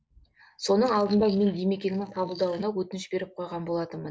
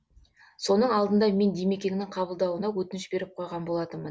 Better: second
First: noise reduction (neural mask model Resemble Enhance denoiser)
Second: none

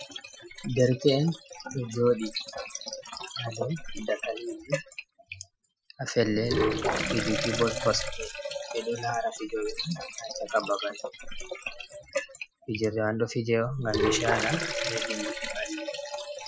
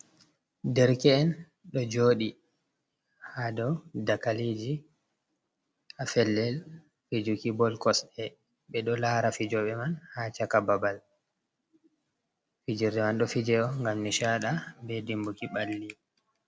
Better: second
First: noise reduction (classical method Wiener filter)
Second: none

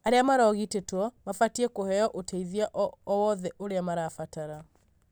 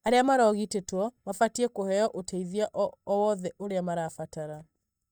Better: first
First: none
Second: noise reduction (neural mask model DeepFilterNet 3)

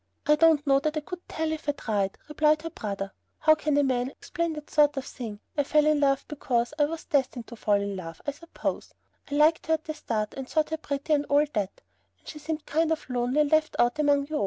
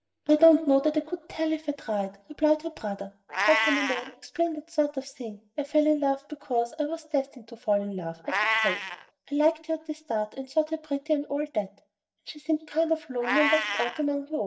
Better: first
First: none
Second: noise reduction (neural mask model DeepFilterNet 3)

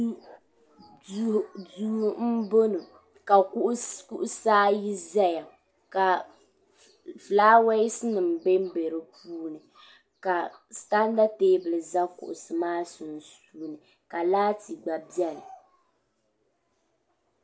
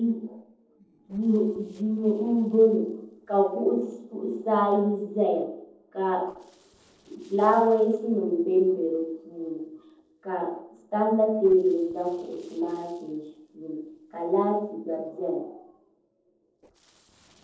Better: first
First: none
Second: noise reduction (neural separator model SepFormer DNS4)

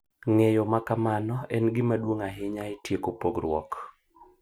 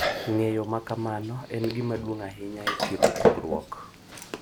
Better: first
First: none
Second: background sound (Chewing, mastication); 1 dB above the speech

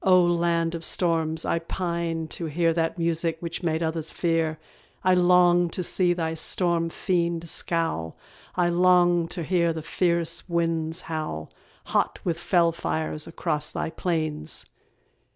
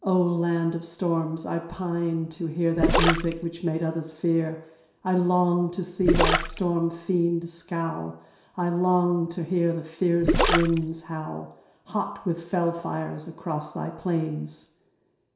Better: first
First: none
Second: background sound (Gurgling); 1 dB above the speech // room echo; dies away in 0.7 s

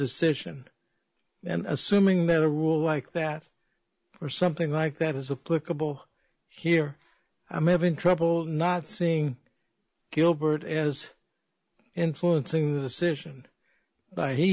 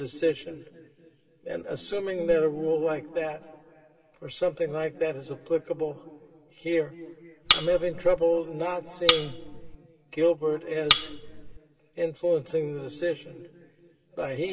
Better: first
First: none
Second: background sound (Cutlery, silverware); 2 dB above the speech // room echo; dies away in 2.6 s

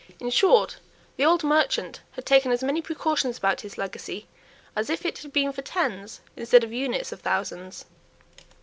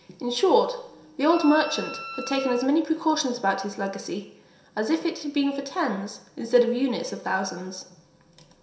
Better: first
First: none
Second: background sound (Wind instrument, woodwind instrument); 13 dB below the speech // room echo; dies away in 0.7 s

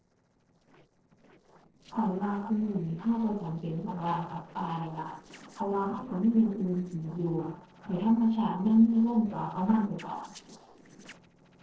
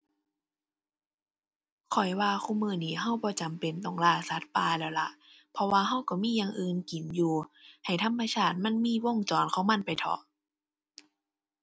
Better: second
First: noise reduction (neural separator model SepFormer DNS4)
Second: none

